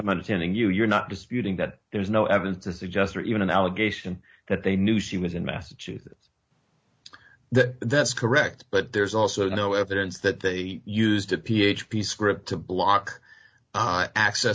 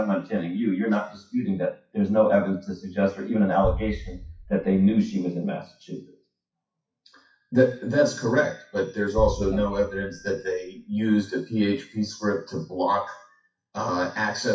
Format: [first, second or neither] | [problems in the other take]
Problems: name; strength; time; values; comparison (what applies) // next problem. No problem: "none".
first | noise reduction (classical method WPE with log-MMSE)